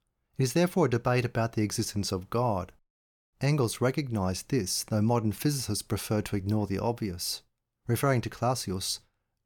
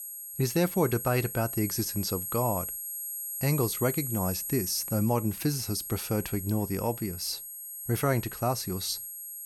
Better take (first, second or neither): first